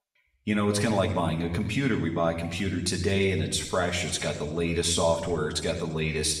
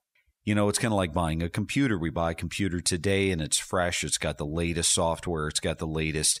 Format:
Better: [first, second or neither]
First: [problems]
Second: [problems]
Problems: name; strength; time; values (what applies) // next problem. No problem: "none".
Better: second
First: room echo; slight; dies away in 1 s // off-mic speech; somewhat distant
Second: none